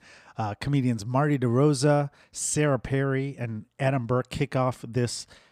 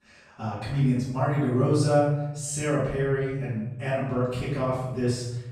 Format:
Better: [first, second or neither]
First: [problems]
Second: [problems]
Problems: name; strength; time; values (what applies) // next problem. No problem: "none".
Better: first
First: none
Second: off-mic speech; far // room echo; strong; dies away in 1 s